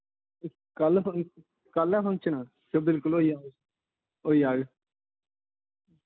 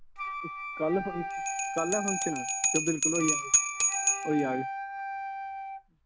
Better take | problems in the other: first | background sound (Bell + Wind instrument, woodwind instrument); 3 dB above the speech

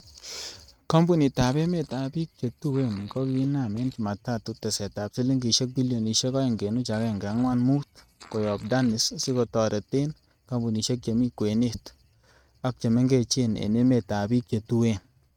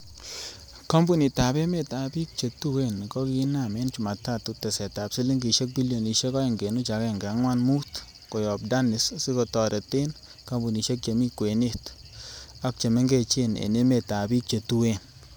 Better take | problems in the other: second | noise reduction (neural mask model RNNoise)

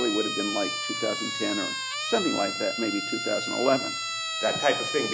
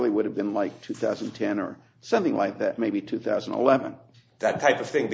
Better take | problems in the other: second | background sound (Siren); 2 dB below the speech

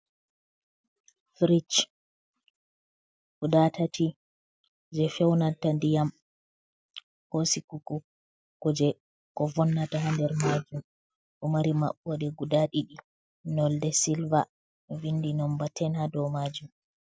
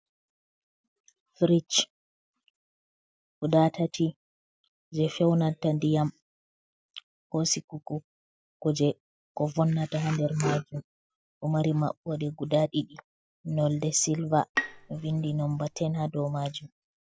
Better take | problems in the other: first | background sound (Bowed string instrument); 8 dB below the speech

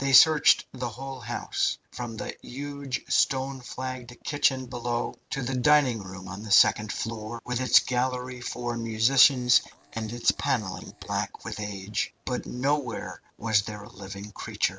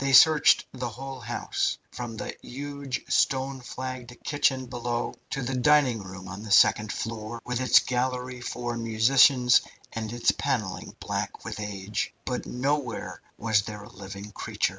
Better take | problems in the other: second | noise reduction (neural separator model SepFormer DNS4)

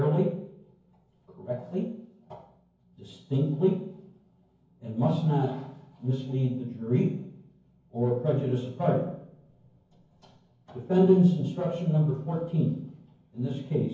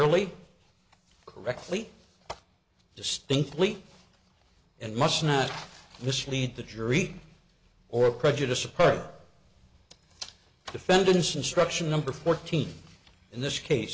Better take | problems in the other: second | room echo; dies away in 0.9 s

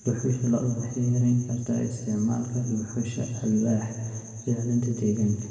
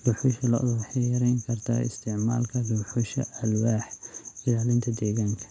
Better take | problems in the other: second | room echo; dies away in 1.9 s

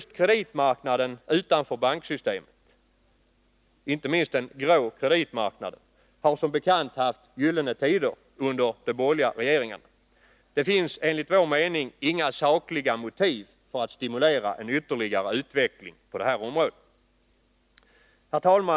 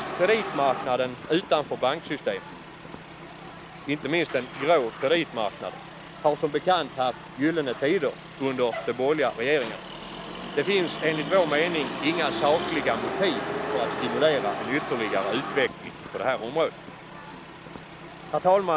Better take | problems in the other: first | background sound (Motor vehicle (road)); 9 dB below the speech

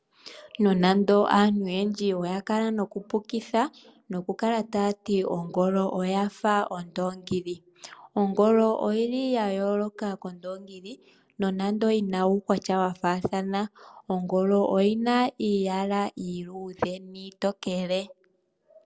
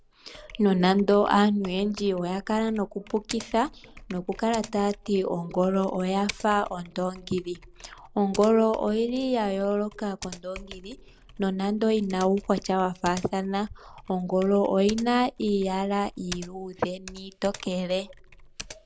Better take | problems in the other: first | background sound (Typing); 19 dB below the speech

